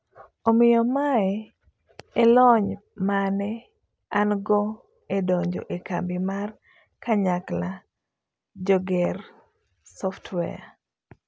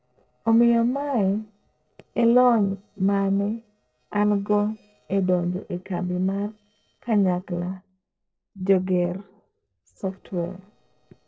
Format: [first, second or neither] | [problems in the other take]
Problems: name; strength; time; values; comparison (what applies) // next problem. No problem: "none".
first | noise reduction (neural separator model SepFormer DNS4)